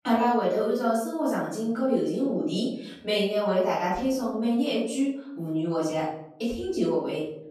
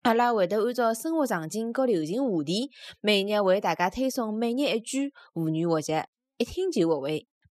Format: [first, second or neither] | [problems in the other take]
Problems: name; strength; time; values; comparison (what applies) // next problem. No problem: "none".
second | off-mic speech; far // room echo; noticeable; dies away in 0.6 s